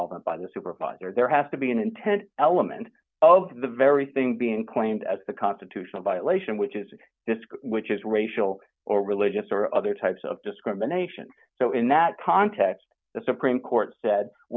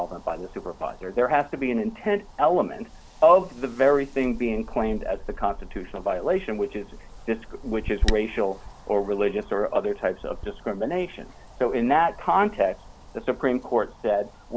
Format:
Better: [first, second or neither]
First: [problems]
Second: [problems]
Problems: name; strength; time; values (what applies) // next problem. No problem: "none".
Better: first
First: none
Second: background sound (Wind); 11 dB below the speech